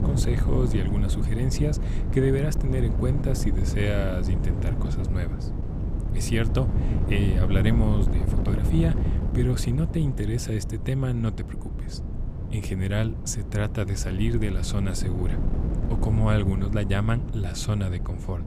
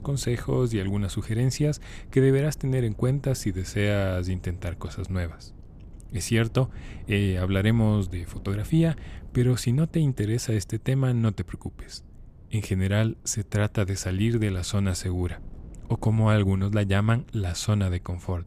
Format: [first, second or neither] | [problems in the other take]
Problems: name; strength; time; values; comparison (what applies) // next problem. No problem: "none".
second | wind noise on the microphone; heavy; 6 dB below the speech; occasional gusts in the second